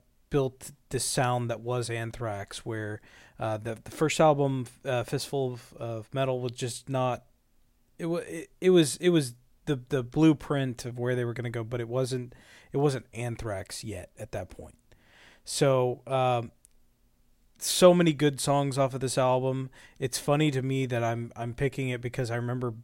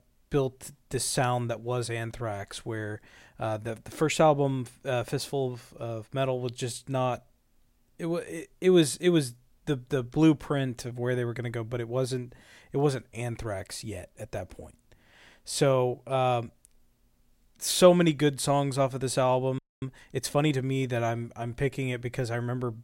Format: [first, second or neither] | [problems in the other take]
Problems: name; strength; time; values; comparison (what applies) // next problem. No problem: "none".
first | audio freezing; at 20 s